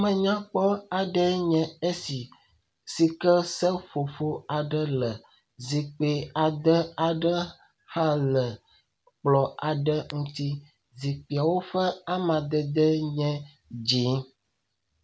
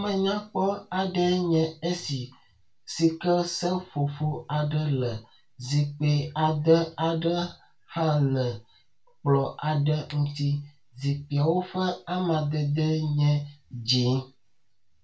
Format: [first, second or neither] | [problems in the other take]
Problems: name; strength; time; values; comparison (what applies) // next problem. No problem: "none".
first | room echo; dies away in 0.2 s